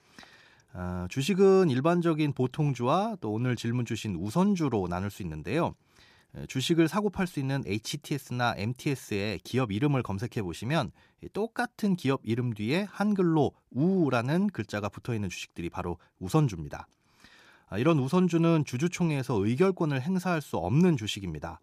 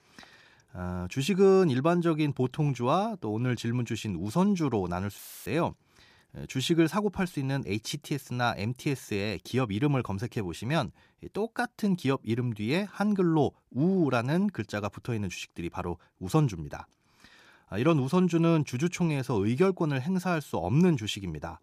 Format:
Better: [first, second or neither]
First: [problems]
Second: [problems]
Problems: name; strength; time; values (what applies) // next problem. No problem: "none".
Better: first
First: none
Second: audio cutting out; filled with static; at 5 s